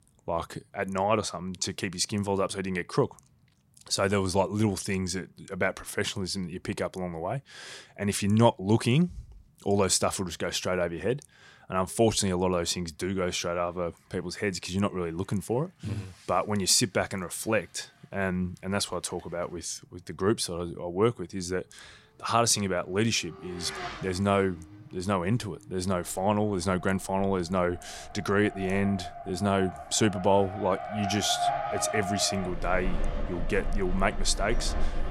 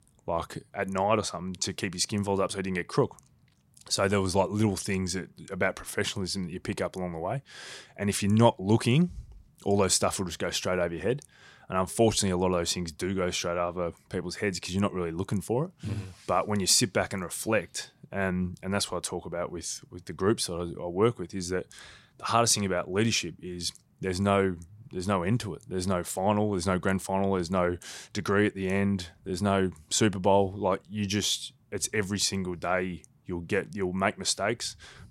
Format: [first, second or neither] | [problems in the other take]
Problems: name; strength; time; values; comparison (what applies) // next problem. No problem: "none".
second | traffic noise; loud; from 13 s on; 8 dB below the speech